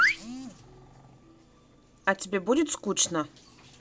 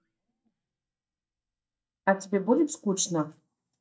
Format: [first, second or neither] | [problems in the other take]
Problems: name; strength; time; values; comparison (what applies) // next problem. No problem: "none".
first | noise reduction (neural mask model DeepFilterNet 3)